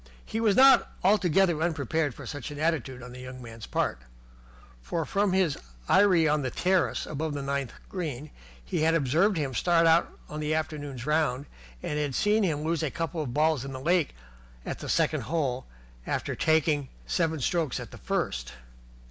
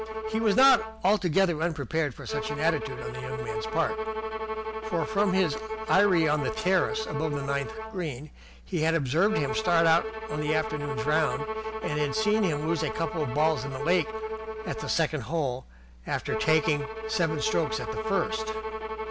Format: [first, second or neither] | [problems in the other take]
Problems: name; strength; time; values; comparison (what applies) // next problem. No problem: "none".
first | background sound (Bowed string instrument); 6 dB below the speech